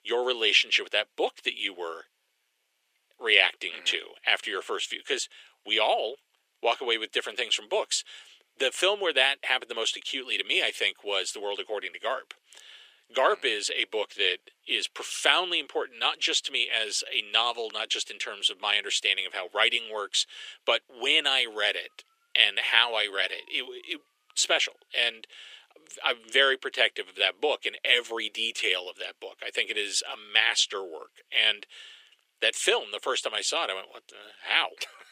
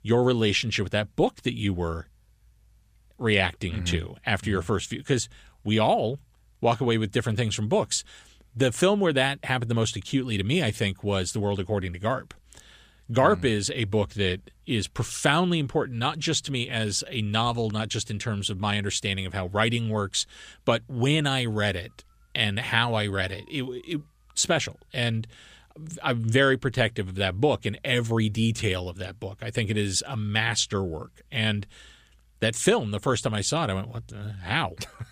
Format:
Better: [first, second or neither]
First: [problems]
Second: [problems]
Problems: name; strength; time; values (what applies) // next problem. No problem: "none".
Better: second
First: thin; very; fading below 400 Hz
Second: none